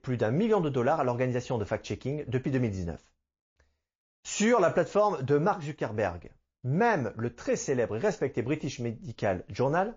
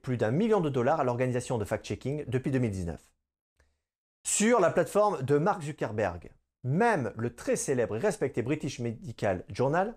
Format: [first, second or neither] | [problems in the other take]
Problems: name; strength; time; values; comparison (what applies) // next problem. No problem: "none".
second | garbled, watery; slightly